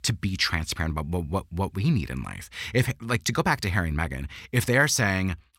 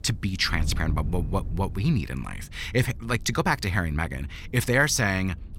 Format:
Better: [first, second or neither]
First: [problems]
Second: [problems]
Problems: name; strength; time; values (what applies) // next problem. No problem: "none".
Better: first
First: none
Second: wind noise on the microphone; occasional gusts; 25 dB below the speech